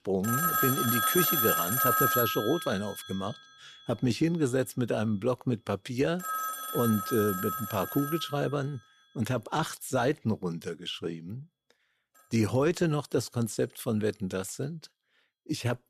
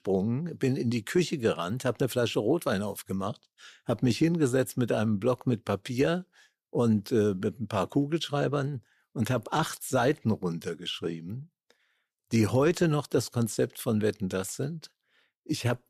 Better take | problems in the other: second | alarms or sirens; very loud; throughout; 2 dB above the speech

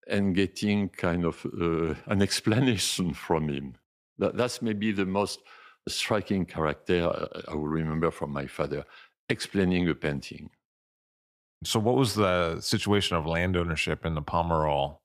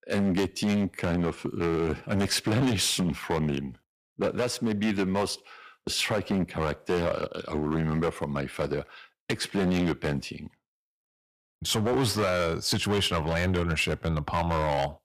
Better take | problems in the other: first | distortion; heavy; 9% of the sound clipped

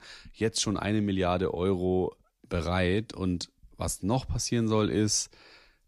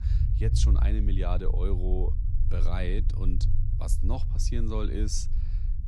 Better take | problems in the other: first | low rumble; loud; throughout; 8 dB below the speech

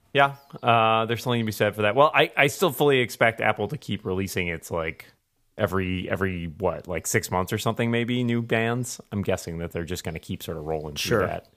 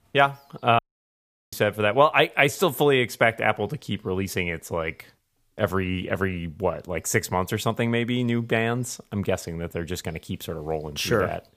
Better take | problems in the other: first | audio cutting out; at 1 s for 0.5 s

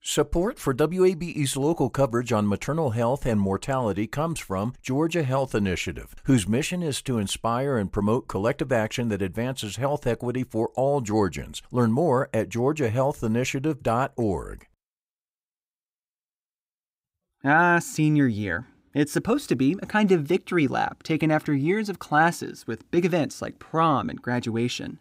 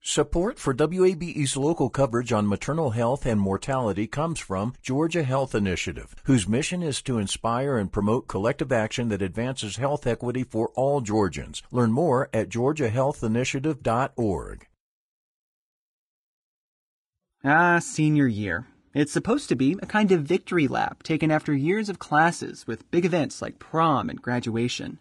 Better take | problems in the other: first | garbled, watery; slightly; nothing above 10 kHz

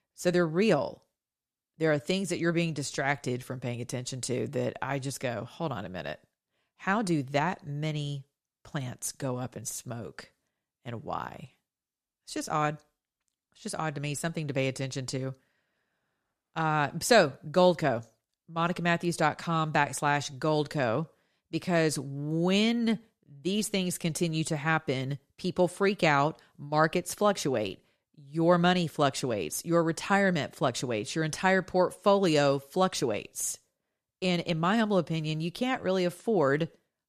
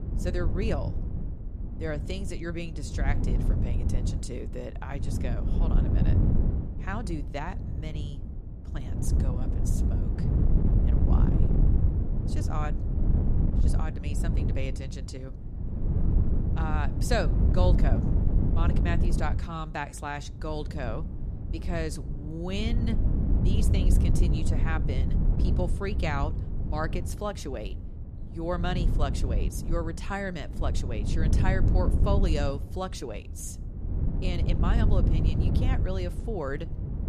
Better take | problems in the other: first | wind noise on the microphone; heavy; 5 dB below the speech

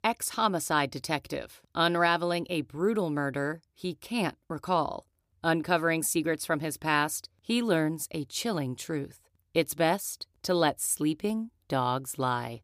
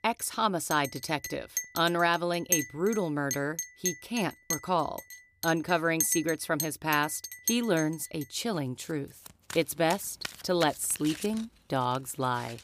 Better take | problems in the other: first | household noises; loud; throughout; 5 dB below the speech

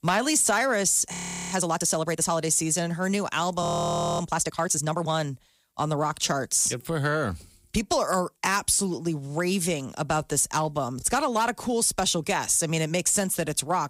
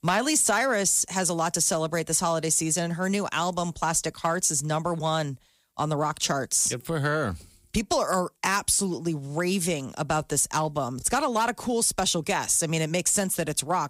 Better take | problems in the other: second | audio freezing; at 1 s and at 3.5 s for 0.5 s

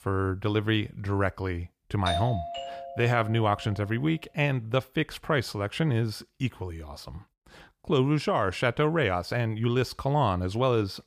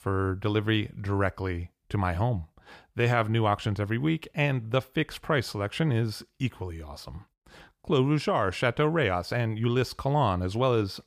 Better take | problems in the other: second | doorbell; noticeable; from 2 to 3.5 s; peak 3 dB below the speech

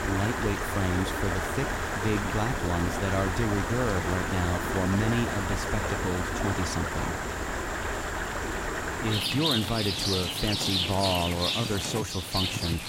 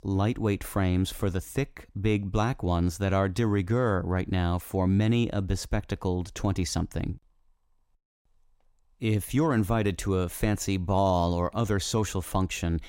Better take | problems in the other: second | rain or running water; very loud; throughout; 1 dB above the speech

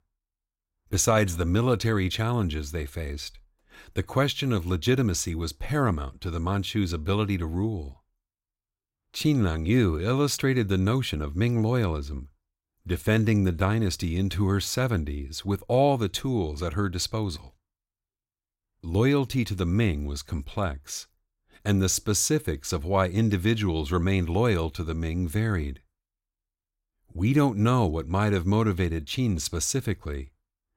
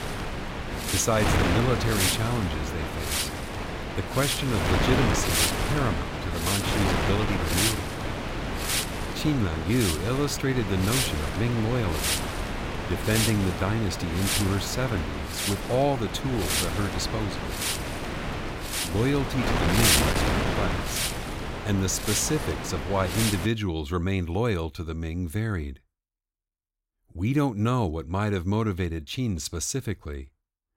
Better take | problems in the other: first | wind noise on the microphone; heavy; until 23 s; 2 dB above the speech

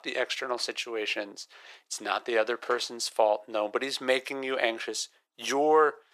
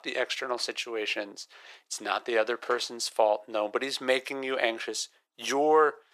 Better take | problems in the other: neither | thin; very; fading below 550 Hz; the same in both

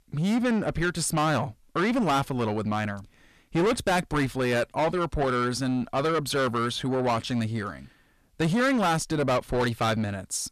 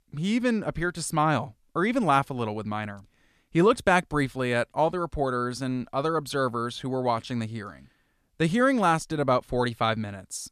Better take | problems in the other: second | distortion; heavy; 7 dB below the speech

